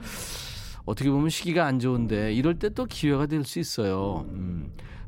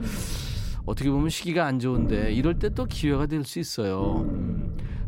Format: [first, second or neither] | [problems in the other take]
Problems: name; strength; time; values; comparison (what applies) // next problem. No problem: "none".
first | low rumble; loud; until 1.5 s, from 2 to 3.5 s and from 4 s on; 10 dB below the speech; faint in the first